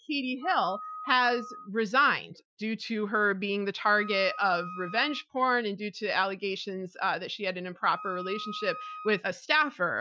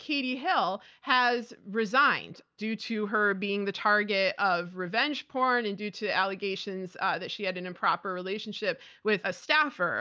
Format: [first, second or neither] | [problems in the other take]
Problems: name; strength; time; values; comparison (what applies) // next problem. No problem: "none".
second | noise reduction (classical method Wiener filter)